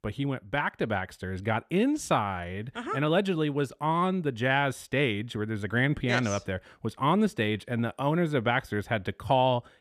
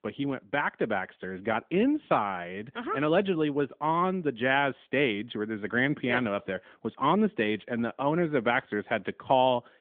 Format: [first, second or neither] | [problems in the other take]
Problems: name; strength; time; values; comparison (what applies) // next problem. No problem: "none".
first | phone-call audio; nothing above 3.5 kHz